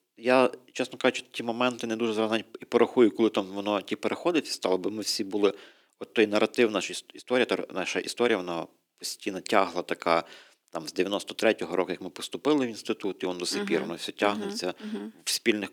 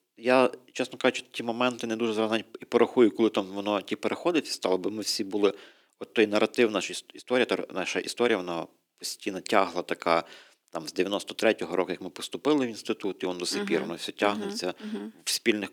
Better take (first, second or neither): neither